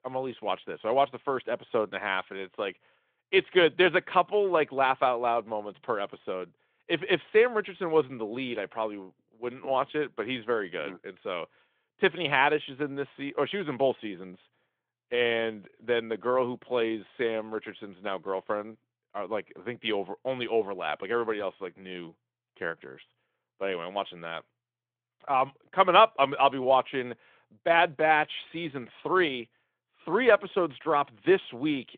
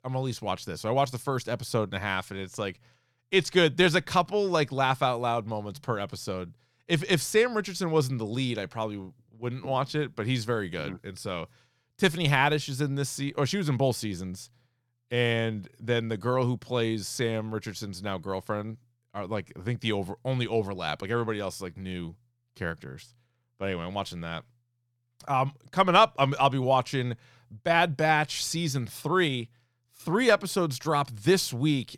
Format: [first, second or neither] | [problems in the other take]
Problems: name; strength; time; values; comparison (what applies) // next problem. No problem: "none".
second | phone-call audio; nothing above 3.5 kHz